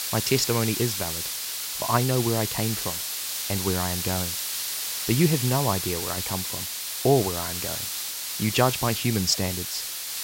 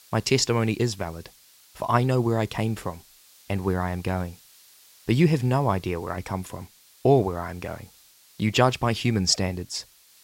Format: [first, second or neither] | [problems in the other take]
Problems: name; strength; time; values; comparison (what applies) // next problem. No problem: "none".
second | hiss; loud; throughout; 2 dB below the speech; faint in the second